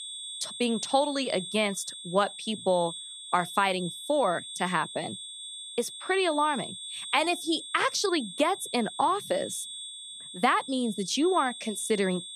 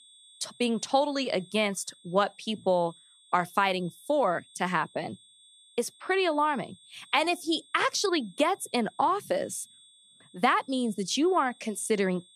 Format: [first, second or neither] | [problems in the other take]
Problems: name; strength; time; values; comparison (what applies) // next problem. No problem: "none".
second | high-pitched whine; loud; throughout; 3.5 kHz, 10 dB below the speech; faint in the second